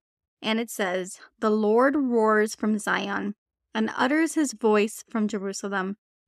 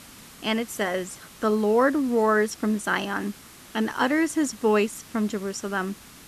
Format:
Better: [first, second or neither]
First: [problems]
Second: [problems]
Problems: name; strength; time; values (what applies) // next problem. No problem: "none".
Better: first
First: none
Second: hiss; faint; throughout; 20 dB below the speech